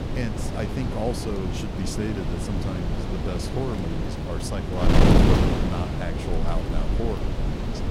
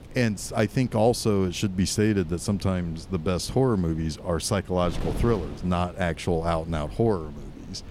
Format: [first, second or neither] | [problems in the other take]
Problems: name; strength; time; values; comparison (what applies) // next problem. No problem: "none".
second | wind noise on the microphone; heavy; 4 dB above the speech; occasional gusts in the second